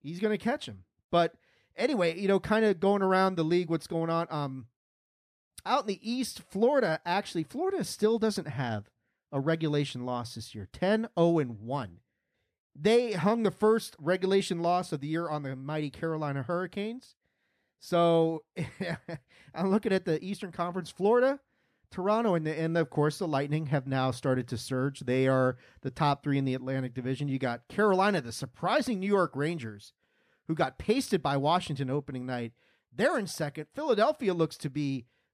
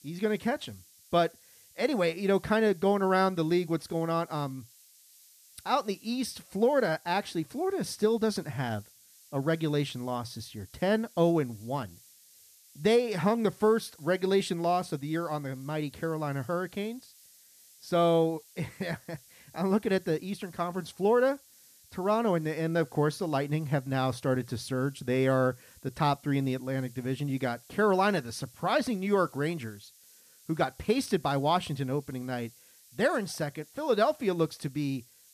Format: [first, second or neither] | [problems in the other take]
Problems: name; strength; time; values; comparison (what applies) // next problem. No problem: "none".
first | hiss; faint; throughout; 25 dB below the speech